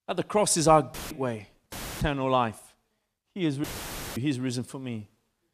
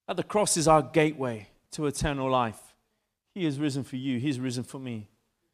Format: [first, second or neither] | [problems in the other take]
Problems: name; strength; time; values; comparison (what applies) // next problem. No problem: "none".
second | audio cutting out; filled with static; at 1 s, at 1.5 s and at 3.5 s for 0.5 s